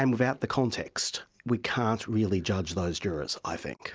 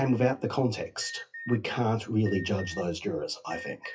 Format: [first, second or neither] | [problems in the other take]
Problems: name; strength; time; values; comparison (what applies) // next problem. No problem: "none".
first | noise reduction (classical method WPE with log-MMSE)